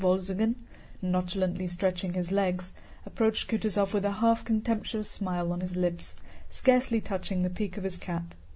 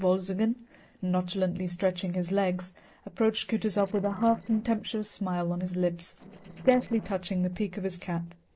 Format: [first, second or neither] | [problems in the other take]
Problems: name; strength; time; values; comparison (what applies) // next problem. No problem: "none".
first | noise reduction (neural separator model SepFormer DNS4)